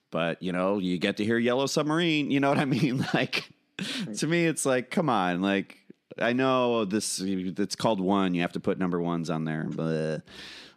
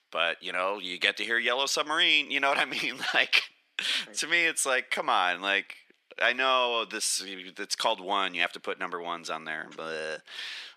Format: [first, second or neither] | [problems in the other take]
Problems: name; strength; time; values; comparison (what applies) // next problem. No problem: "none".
first | thin; very; fading below 750 Hz